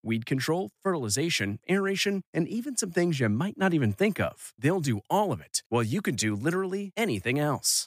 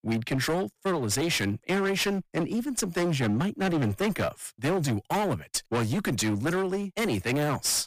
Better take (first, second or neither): first